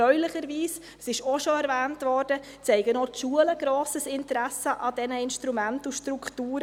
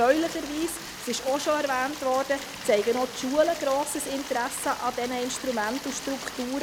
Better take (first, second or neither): first